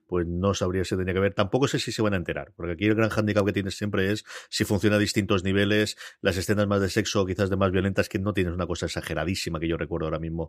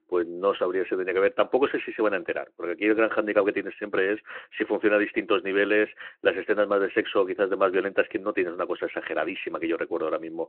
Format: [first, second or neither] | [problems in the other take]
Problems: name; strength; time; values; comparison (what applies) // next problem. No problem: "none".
first | phone-call audio